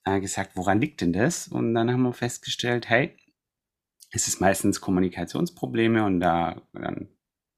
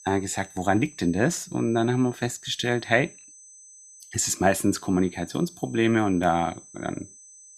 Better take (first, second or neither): first